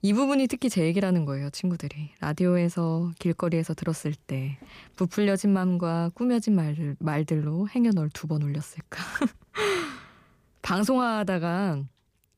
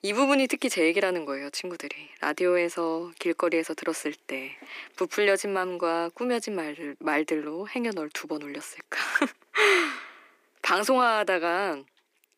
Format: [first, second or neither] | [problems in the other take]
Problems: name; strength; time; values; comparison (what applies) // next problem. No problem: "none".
first | thin; somewhat; fading below 300 Hz